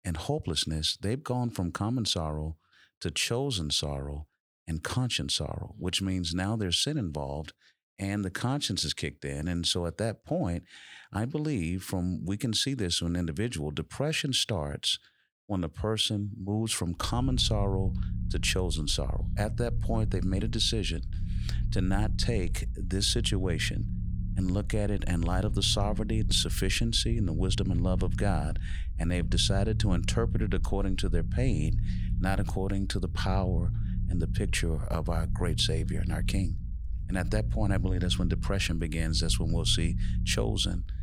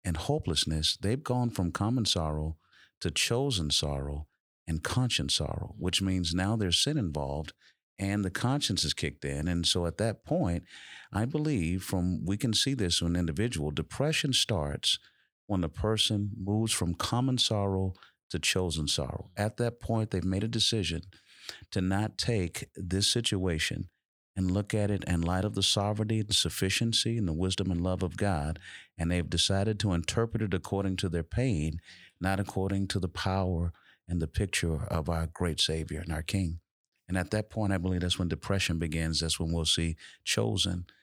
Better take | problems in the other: second | low rumble; noticeable; from 17 s on; 15 dB below the speech

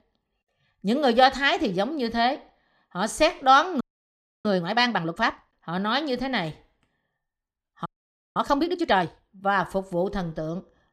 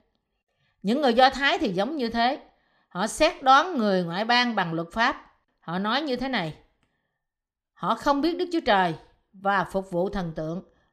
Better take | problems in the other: second | audio freezing; at 4 s for 0.5 s and at 8 s

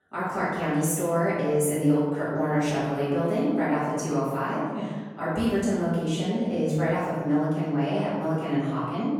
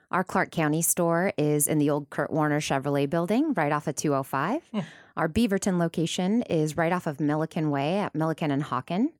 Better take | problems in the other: second | off-mic speech; far // room echo; strong; dies away in 1.2 s

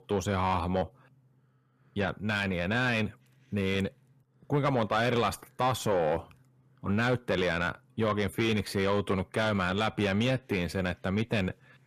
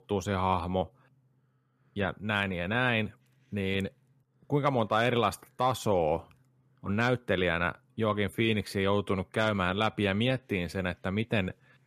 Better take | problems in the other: second | distortion; slight; 10 dB below the speech

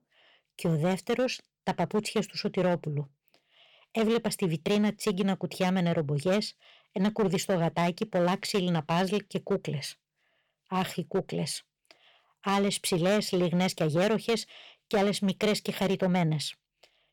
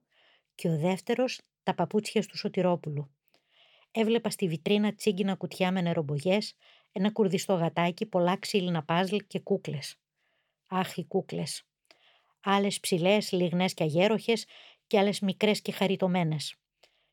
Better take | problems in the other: second | distortion; slight; 8% of the sound clipped

